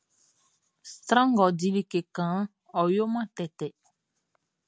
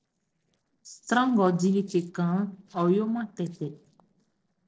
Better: first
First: none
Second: noise reduction (neural separator model SepFormer DNS4)

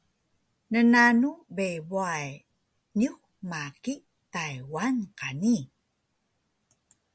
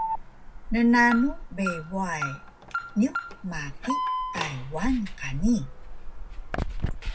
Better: first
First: none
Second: background sound (Alarm); 4 dB below the speech // room echo; dies away in 0.4 s

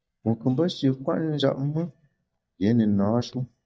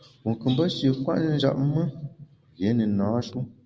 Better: second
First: noise reduction (neural mask model DeepFilterNet 3)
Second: none

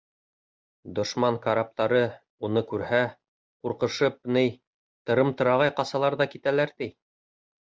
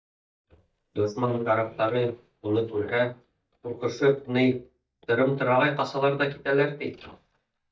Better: first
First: none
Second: noise reduction (neural mask model DeepFilterNet 3)

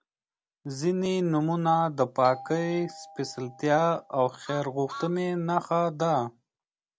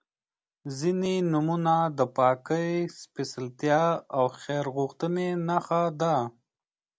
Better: second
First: background sound (Doorbell + Truck); 17 dB below the speech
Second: none

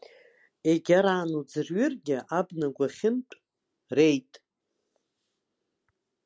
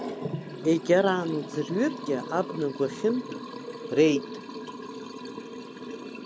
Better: first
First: none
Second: background sound (Liquid); 8 dB below the speech

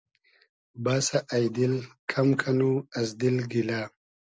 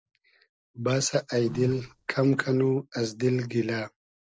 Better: first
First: none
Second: noise reduction (neural separator model SepFormer DNS4)

